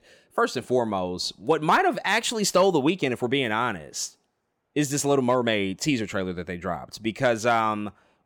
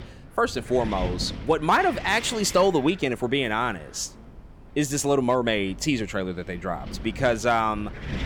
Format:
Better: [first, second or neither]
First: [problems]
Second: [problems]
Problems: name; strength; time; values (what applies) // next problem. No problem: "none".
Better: first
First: none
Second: wind noise on the microphone; occasional gusts; 15 dB below the speech